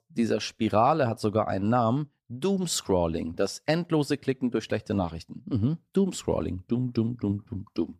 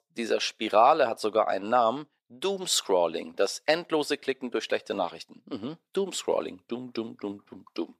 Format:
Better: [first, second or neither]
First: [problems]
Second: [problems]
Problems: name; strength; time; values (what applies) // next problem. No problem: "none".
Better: first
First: none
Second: thin; somewhat; fading below 500 Hz